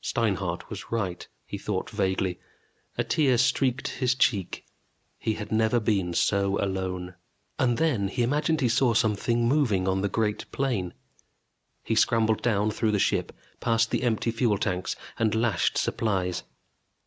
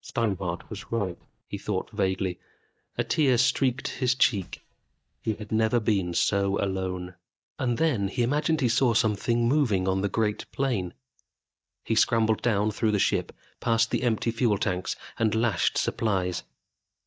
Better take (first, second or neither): first